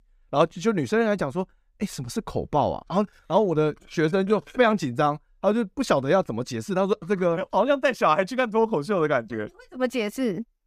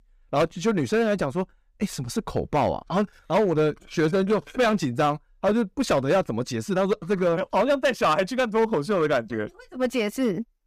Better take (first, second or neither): first